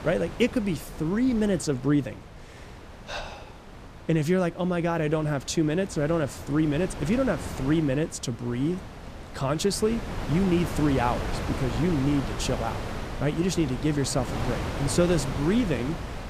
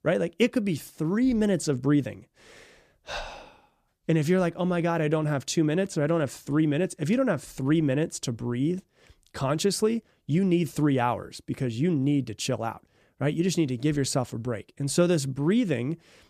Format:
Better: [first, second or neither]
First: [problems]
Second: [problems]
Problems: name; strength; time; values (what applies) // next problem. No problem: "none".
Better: second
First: wind noise on the microphone; heavy; 8 dB below the speech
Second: none